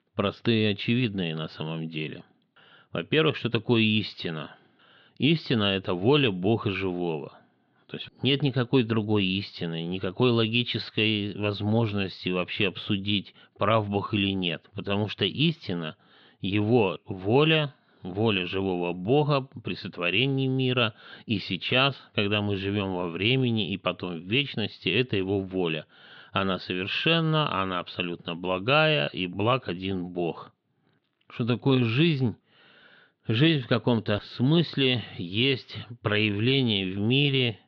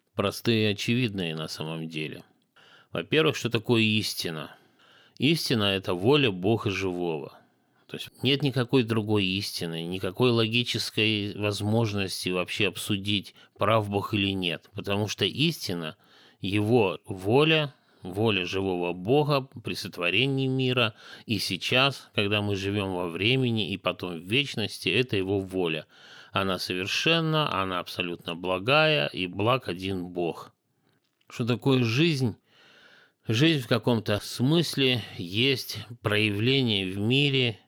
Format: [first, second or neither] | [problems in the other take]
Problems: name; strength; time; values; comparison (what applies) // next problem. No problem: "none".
second | muffled; slightly; fading above 4 kHz